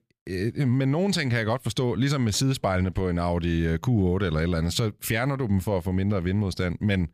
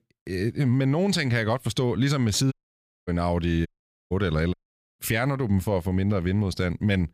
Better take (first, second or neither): first